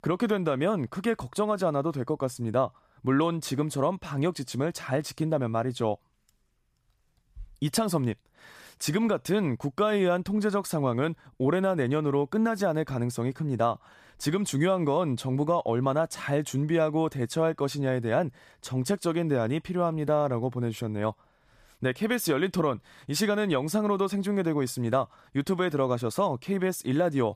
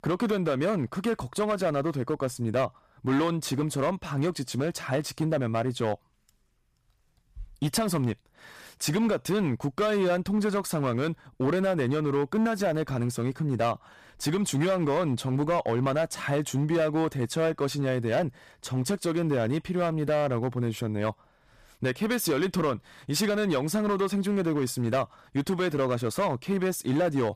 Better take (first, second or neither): first